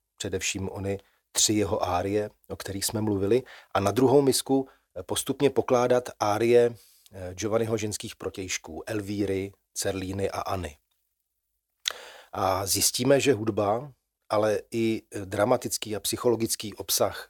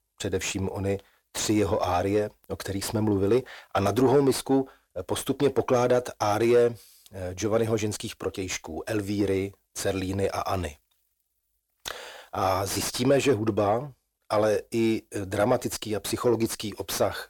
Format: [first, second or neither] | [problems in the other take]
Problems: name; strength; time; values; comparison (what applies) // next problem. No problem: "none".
first | distortion; slight; 10 dB below the speech